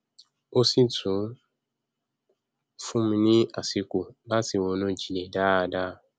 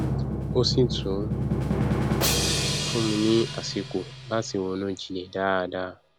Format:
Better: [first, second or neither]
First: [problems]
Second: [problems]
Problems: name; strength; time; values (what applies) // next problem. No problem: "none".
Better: first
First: none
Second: background sound (Drum); as loud as the speech